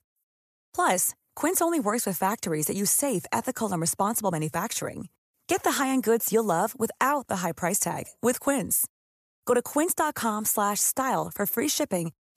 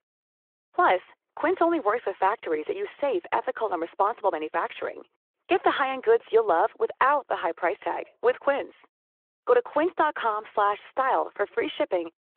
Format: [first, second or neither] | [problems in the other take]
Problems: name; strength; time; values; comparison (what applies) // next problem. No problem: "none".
first | phone-call audio